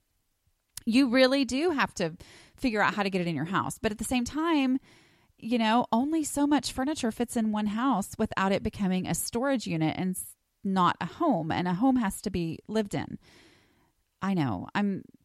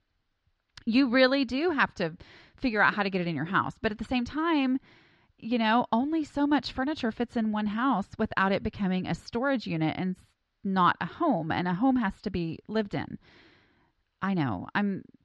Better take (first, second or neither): first